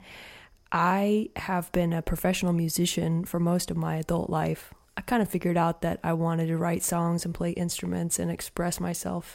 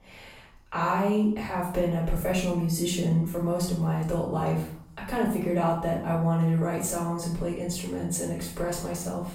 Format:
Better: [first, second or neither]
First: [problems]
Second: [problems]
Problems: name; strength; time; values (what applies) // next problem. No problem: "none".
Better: first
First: none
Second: off-mic speech; far // room echo; noticeable; dies away in 0.5 s